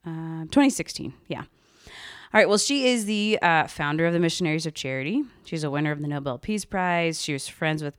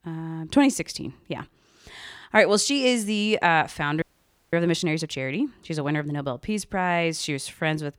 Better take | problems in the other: first | audio freezing; at 4 s for 0.5 s

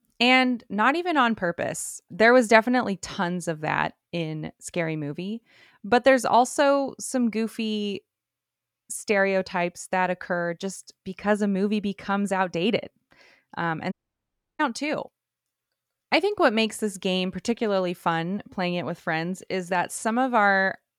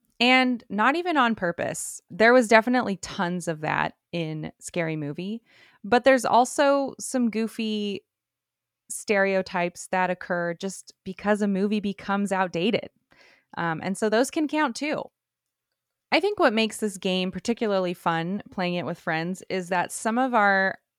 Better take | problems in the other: second | audio cutting out; at 14 s for 0.5 s

